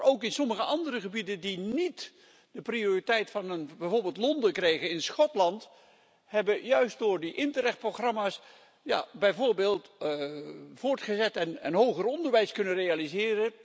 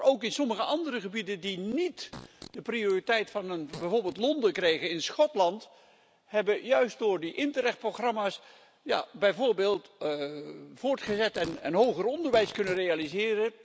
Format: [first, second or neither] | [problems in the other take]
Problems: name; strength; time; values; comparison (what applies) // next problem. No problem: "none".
first | background sound (Fart + Fart); 19 dB below the speech